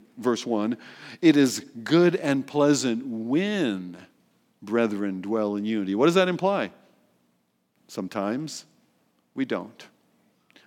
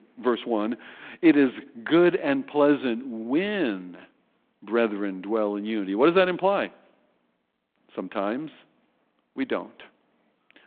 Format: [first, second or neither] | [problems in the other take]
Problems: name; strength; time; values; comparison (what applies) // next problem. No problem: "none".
first | phone-call audio; nothing above 3.5 kHz